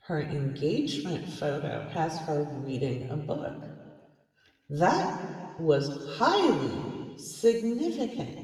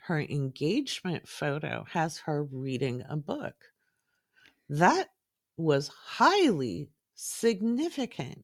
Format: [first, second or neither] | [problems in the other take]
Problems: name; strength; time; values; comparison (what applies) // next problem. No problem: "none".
second | room echo; noticeable; dies away in 1.7 s // off-mic speech; somewhat distant